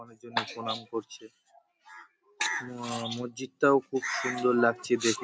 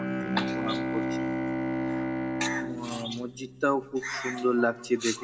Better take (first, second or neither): first